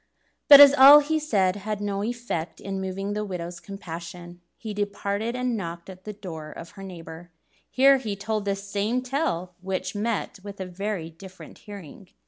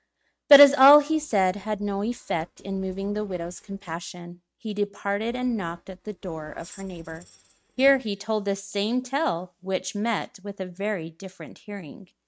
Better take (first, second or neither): first